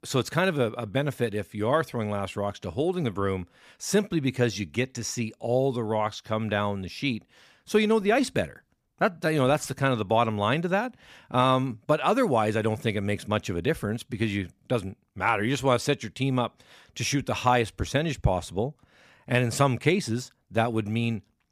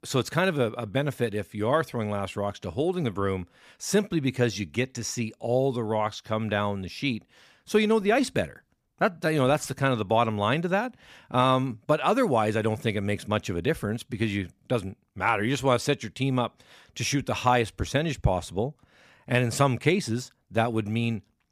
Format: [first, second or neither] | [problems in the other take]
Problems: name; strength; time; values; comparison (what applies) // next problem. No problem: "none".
neither | none